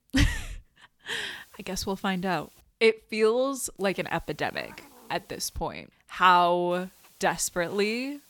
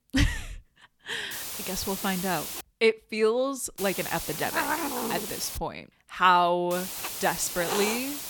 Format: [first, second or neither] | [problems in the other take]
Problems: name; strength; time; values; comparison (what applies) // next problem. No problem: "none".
first | hiss; loud; from 1.5 to 2.5 s, from 4 to 5.5 s and from 6.5 s on; 4 dB below the speech; faint in the first